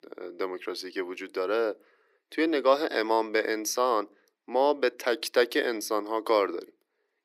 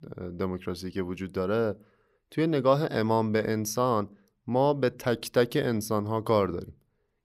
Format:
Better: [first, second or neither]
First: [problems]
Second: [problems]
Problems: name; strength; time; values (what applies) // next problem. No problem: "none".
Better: second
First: thin; somewhat; fading below 300 Hz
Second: none